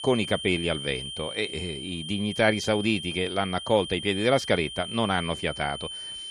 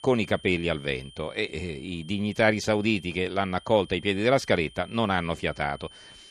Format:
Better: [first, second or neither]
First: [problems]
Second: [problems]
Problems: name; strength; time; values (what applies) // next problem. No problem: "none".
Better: second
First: high-pitched whine; loud; throughout; 3 kHz, 8 dB below the speech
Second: high-pitched whine; faint; throughout; 3 kHz, 20 dB below the speech